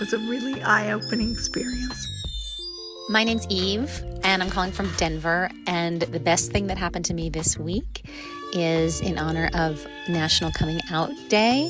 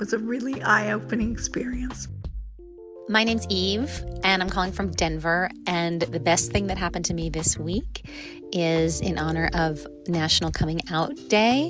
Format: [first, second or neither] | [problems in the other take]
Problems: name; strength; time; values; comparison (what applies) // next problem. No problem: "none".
second | background sound (Screech); 15 dB below the speech